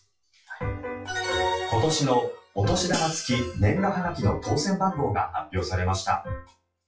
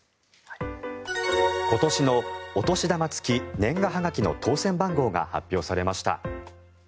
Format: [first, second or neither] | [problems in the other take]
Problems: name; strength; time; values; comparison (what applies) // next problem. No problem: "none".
second | noise reduction (classical method WPE with log-MMSE)